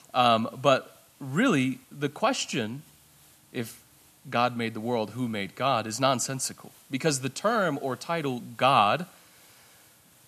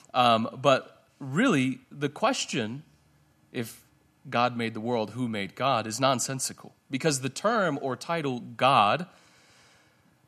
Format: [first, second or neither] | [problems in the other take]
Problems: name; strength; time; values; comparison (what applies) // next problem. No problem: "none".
second | hiss; faint; throughout; 30 dB below the speech